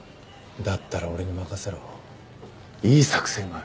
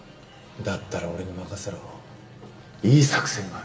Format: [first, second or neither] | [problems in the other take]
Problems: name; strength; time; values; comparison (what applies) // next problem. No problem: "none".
first | room echo; dies away in 0.9 s